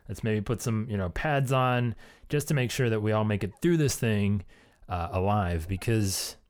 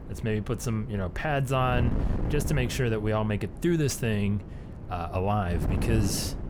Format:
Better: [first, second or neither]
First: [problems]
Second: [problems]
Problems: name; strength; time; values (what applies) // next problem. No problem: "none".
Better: first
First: none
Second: wind noise on the microphone; occasional gusts; 10 dB below the speech